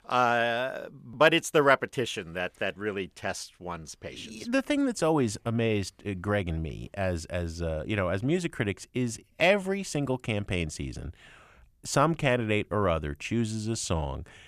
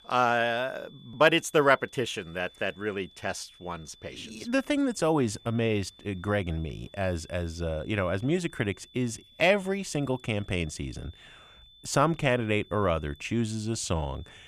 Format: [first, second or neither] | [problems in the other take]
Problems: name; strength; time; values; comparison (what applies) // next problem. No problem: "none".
first | high-pitched whine; faint; throughout; 3.5 kHz, 25 dB below the speech